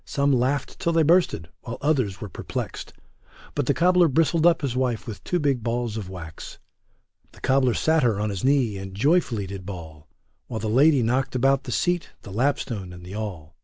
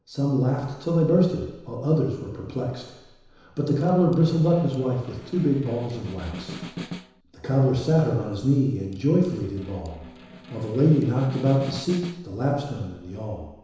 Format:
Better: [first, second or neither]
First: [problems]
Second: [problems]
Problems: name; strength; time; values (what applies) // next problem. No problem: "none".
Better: first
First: none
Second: background sound (Snare drum); 16 dB below the speech // room echo; dies away in 1 s